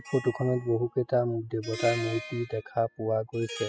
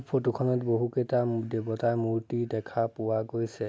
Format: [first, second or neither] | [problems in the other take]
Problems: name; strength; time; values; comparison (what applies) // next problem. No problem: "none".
second | noise reduction (classical method spectral subtraction)